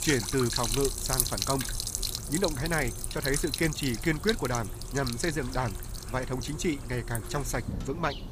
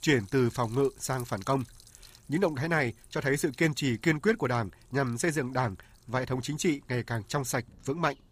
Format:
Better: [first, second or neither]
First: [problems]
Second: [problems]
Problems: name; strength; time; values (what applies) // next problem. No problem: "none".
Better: second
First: rain or running water; loud; throughout; 2 dB below the speech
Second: rain or running water; faint; throughout; 25 dB below the speech